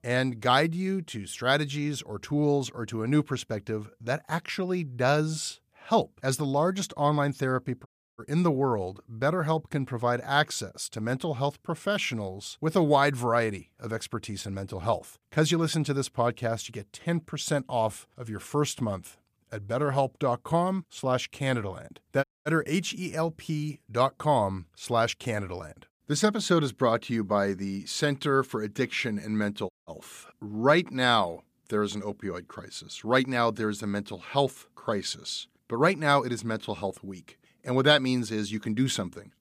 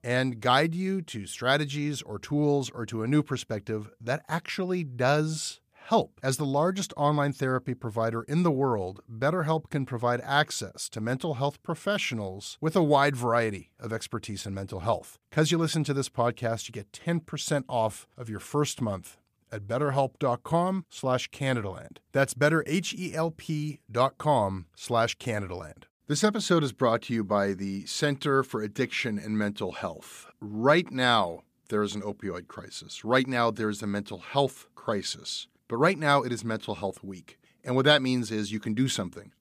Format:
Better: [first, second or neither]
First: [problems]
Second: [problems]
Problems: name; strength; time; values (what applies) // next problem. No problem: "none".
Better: second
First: audio cutting out; at 8 s, at 22 s and at 30 s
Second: none